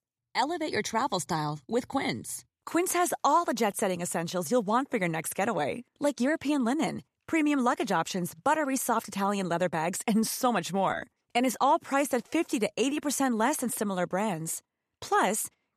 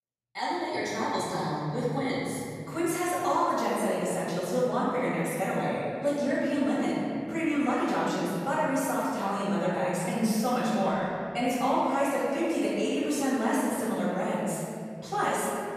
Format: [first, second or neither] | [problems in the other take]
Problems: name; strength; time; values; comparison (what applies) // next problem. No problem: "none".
first | off-mic speech; far // room echo; strong; dies away in 2.9 s